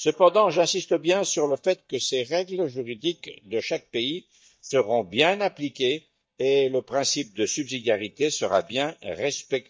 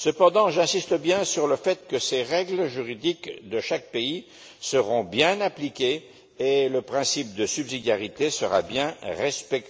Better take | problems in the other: second | noise reduction (neural mask model DeepFilterNet 3)

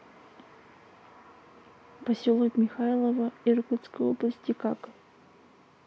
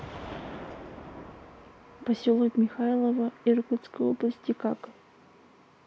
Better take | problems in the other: first | background sound (Gunshot, gunfire); 18 dB below the speech

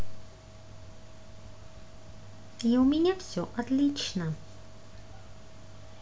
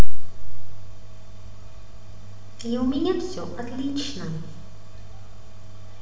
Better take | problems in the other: first | room echo; dies away in 1.2 s

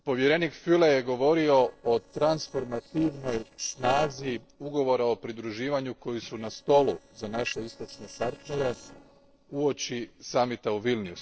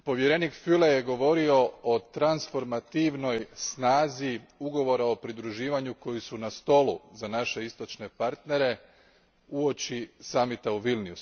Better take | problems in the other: second | noise reduction (neural separator model SepFormer DNS4)

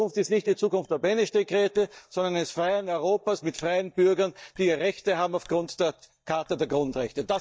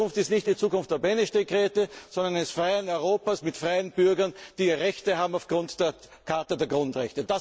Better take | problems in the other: second | noise reduction (neural mask model DeepFilterNet 3)

